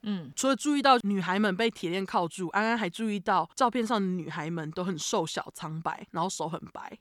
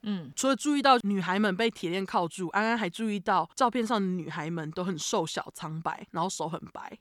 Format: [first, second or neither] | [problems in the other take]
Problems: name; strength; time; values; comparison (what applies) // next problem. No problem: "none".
neither | none